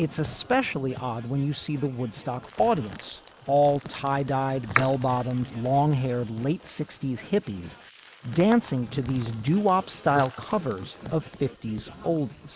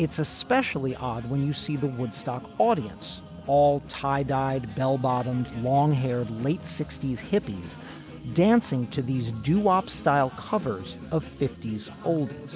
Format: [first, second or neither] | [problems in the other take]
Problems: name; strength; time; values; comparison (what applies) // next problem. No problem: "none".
second | noise reduction (neural mask model Resemble Enhance denoiser)